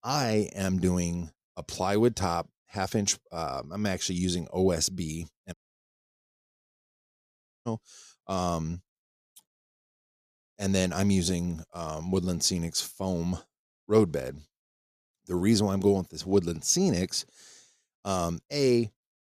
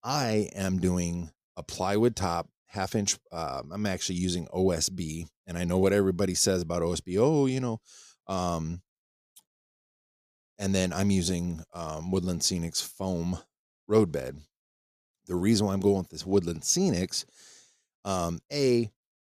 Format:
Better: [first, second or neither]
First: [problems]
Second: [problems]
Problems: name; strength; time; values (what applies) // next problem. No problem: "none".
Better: second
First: audio cutting out; at 5.5 s for 2 s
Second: none